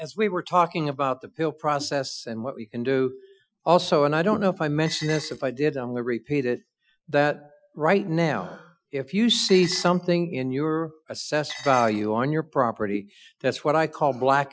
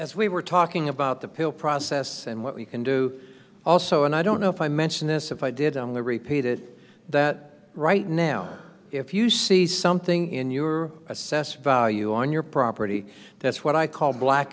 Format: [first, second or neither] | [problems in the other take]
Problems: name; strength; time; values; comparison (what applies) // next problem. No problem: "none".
second | noise reduction (classical method Wiener filter)